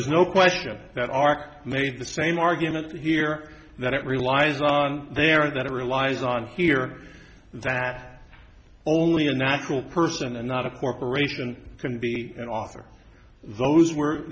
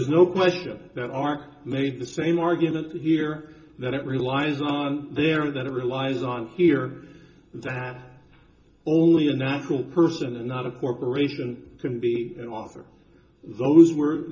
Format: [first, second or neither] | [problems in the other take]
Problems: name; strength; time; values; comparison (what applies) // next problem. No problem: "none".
first | room echo; dies away in 0.2 s